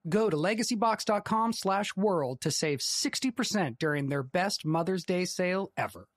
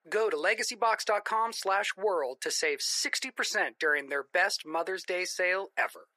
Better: first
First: none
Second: thin; very; fading below 400 Hz

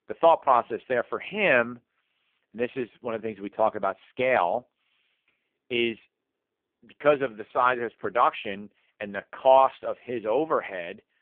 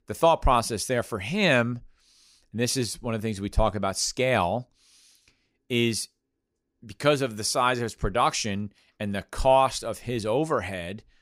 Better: second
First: phone-call audio; poor line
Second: none

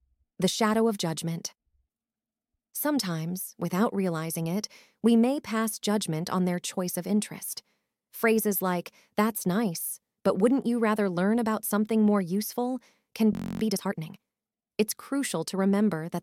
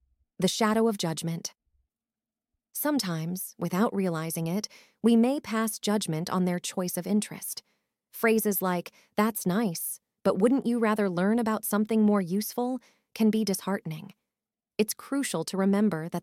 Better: second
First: audio freezing; at 13 s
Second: none

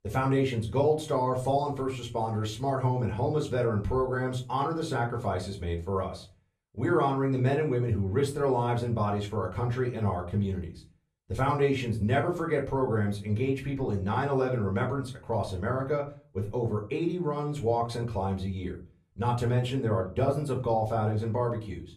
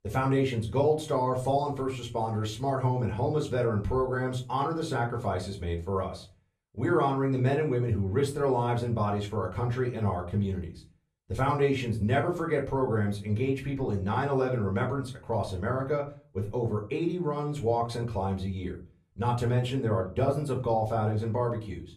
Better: neither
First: off-mic speech; somewhat distant // room echo; very slight; dies away in 0.3 s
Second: off-mic speech; somewhat distant // room echo; very slight; dies away in 0.3 s

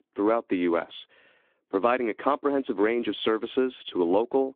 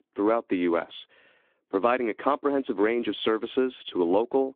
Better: neither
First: phone-call audio; nothing above 3.5 kHz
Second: phone-call audio; nothing above 3.5 kHz

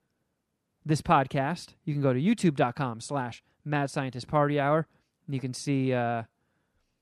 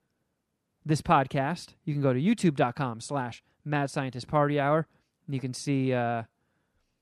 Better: neither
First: none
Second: none

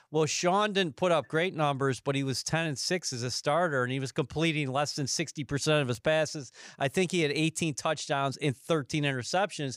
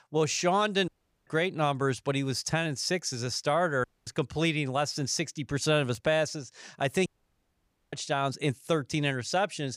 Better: first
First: none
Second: audio cutting out; at 1 s, at 4 s and at 7 s for 1 s

